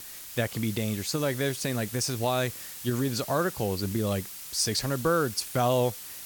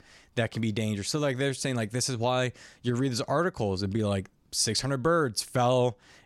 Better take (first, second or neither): second